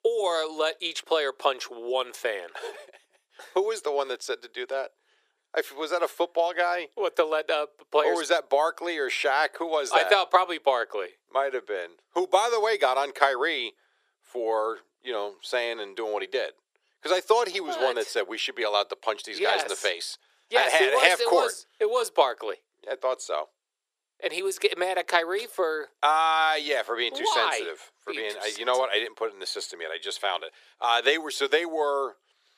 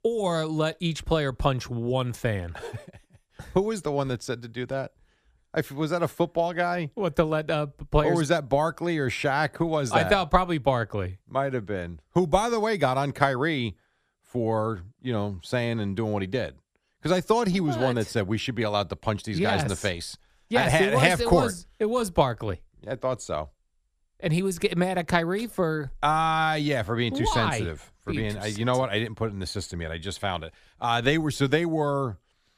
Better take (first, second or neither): second